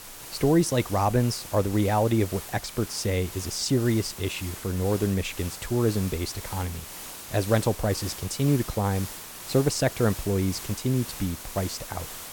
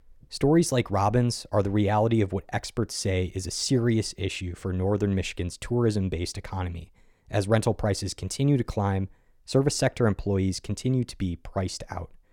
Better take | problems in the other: second | hiss; noticeable; throughout; 10 dB below the speech

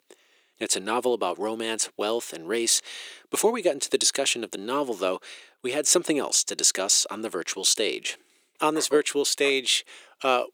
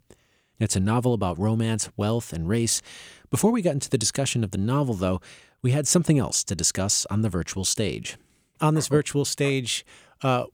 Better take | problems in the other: second | thin; somewhat; fading below 350 Hz

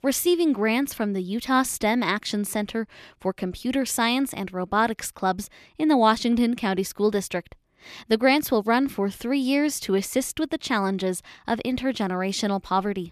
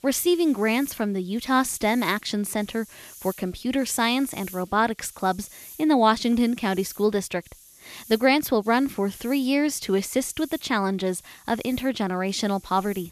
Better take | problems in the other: first | hiss; faint; throughout; 20 dB below the speech

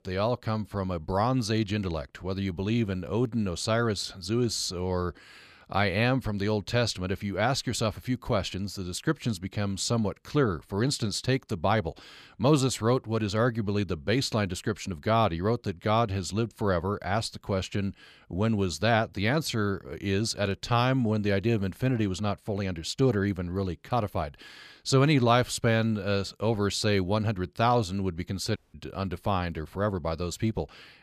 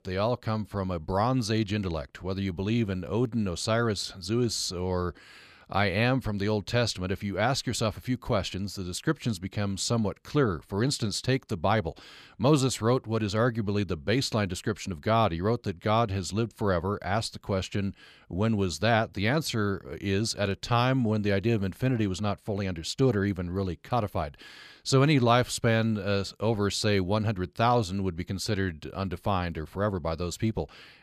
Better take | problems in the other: second | audio cutting out; at 29 s

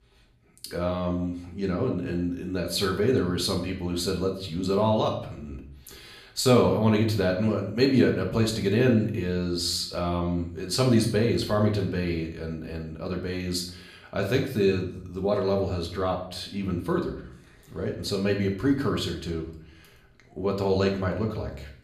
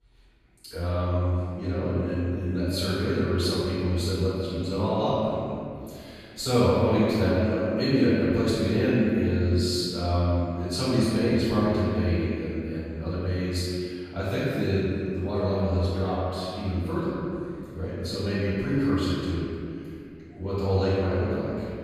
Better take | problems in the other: first | room echo; strong; dies away in 2.2 s; slight in the first // off-mic speech; far; somewhat distant in the first

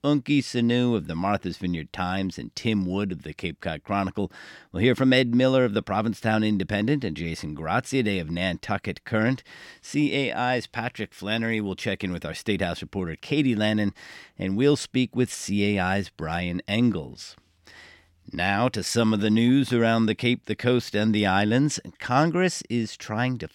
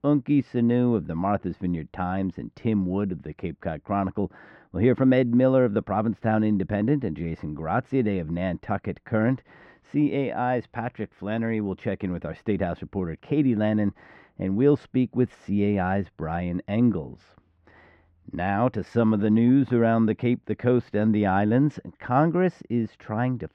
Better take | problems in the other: first | muffled; very; fading above 3.5 kHz

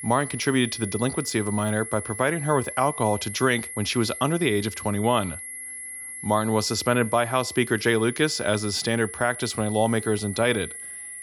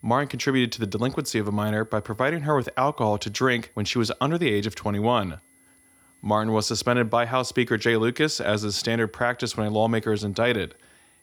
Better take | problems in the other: second | high-pitched whine; loud; throughout; 11 kHz, 10 dB below the speech; faint in the second

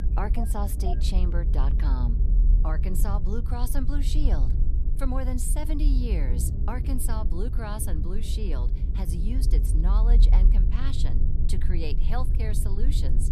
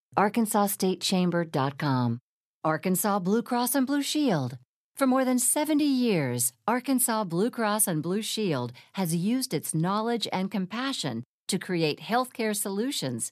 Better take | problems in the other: second | low rumble; loud; throughout; 6 dB below the speech

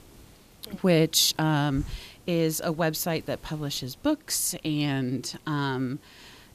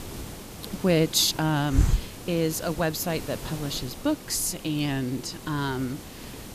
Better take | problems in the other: first | hiss; loud; throughout; 9 dB below the speech; faint in the first

